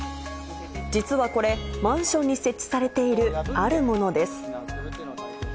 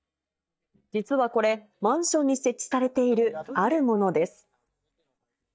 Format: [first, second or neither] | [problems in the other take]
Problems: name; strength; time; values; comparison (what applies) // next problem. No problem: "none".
first | noise reduction (neural mask model DeepFilterNet 3)